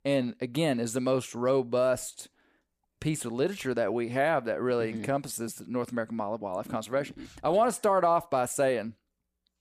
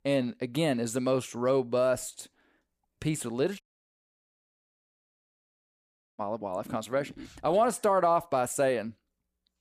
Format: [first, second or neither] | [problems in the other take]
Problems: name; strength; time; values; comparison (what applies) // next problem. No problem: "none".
first | audio cutting out; at 3.5 s for 2.5 s